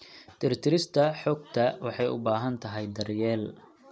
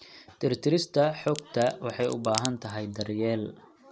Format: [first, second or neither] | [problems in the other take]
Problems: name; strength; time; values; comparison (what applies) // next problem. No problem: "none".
first | background sound (Crack); 12 dB below the speech